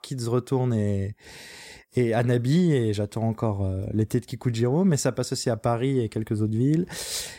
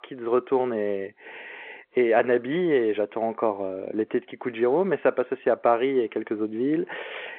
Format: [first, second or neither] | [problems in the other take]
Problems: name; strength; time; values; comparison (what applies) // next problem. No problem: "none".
first | phone-call audio